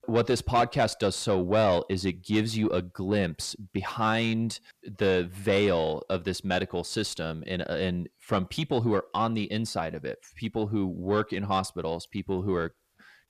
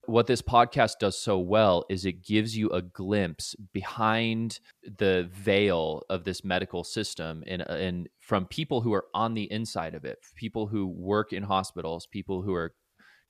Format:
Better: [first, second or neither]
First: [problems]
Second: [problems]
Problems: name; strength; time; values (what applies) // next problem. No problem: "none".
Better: second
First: distortion; slight; 10 dB below the speech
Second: none